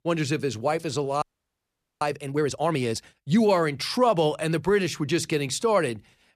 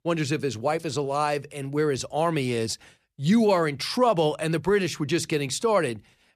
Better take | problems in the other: second | audio freezing; at 1 s for 1 s

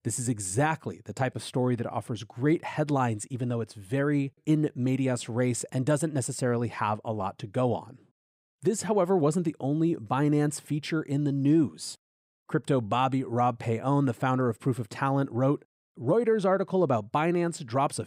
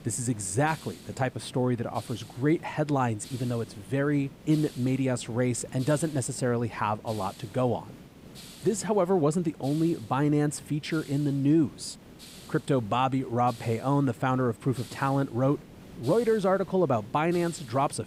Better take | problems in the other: first | hiss; noticeable; throughout; 20 dB below the speech

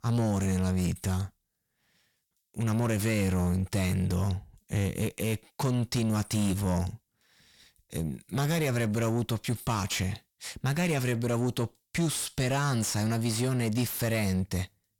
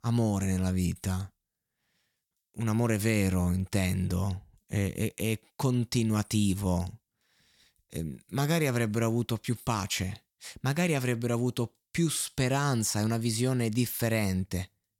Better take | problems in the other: second | distortion; slight; 10 dB below the speech

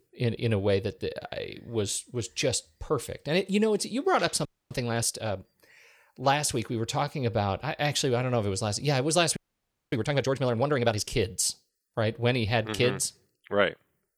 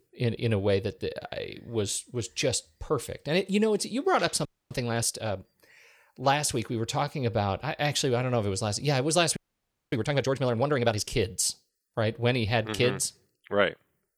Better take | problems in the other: neither | audio freezing; at 4.5 s and at 9.5 s for 0.5 s; the same in both

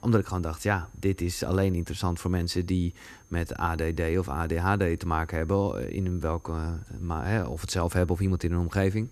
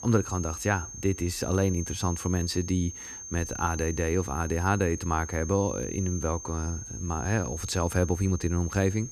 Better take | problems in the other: first | high-pitched whine; loud; throughout; 6.5 kHz, 9 dB below the speech; faint in the first

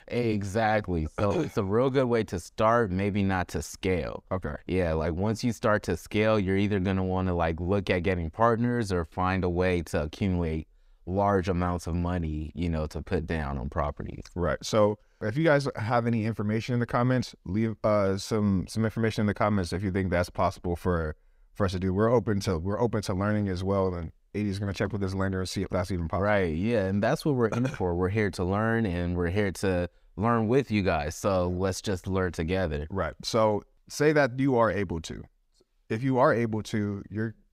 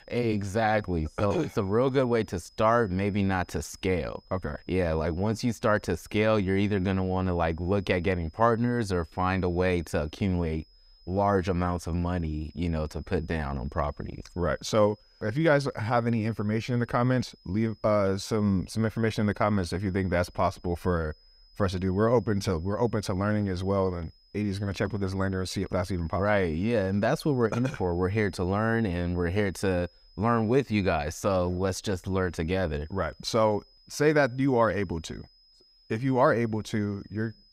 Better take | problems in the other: first | high-pitched whine; faint; throughout; 5 kHz, 30 dB below the speech

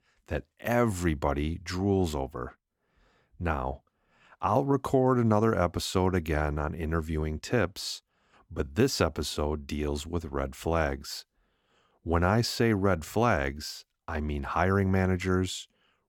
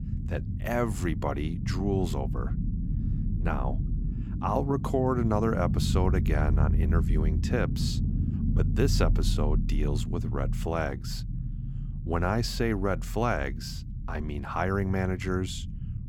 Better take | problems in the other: first | low rumble; noticeable; throughout; 10 dB below the speech

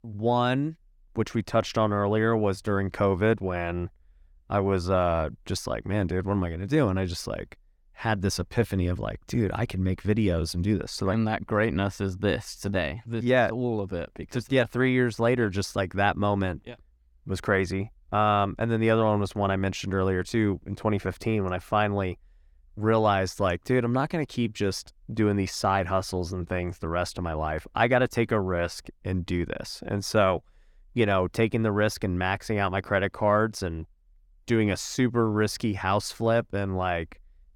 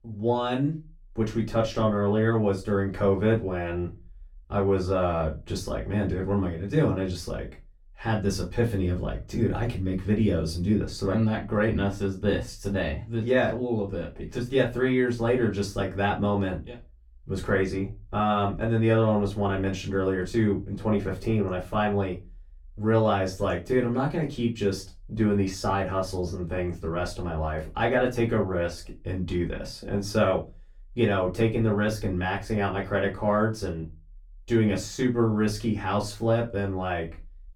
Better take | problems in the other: first | off-mic speech; far // room echo; very slight; dies away in 0.2 s

